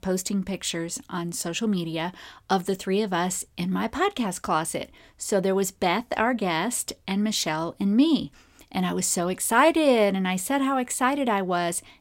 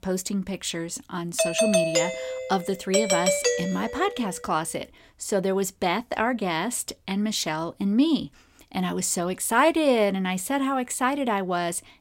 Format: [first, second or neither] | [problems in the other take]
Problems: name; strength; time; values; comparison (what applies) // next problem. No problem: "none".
first | doorbell; loud; from 1.5 to 4 s; peak 4 dB above the speech